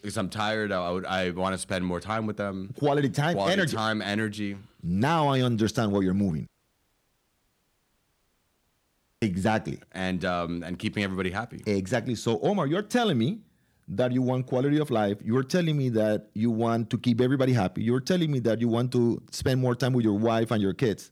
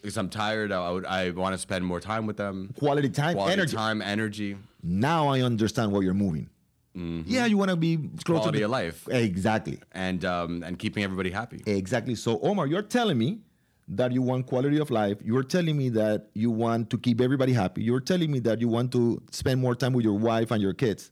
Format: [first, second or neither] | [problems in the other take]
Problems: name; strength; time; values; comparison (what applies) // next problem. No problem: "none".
second | audio cutting out; at 6.5 s for 3 s